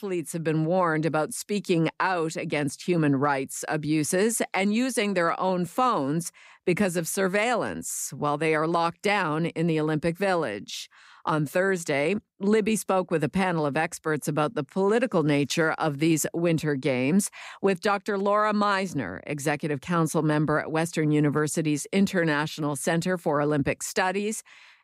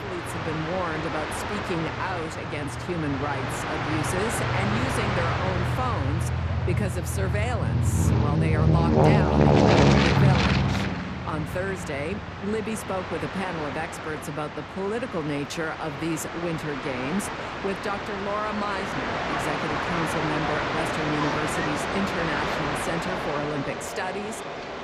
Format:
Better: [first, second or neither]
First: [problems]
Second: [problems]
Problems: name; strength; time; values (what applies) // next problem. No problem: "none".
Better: first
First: none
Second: train or aircraft noise; very loud; throughout; 5 dB above the speech